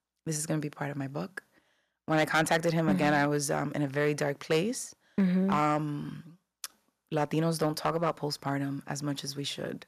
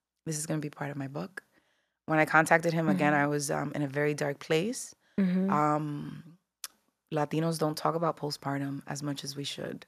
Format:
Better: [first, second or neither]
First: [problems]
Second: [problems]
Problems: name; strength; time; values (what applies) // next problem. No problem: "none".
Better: second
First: distortion; slight; 1.9% of the sound clipped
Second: none